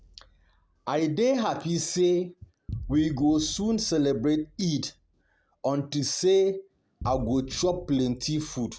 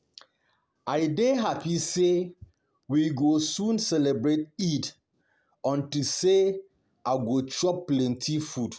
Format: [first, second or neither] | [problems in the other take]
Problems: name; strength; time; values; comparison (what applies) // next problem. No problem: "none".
second | background sound (Boom); 17 dB below the speech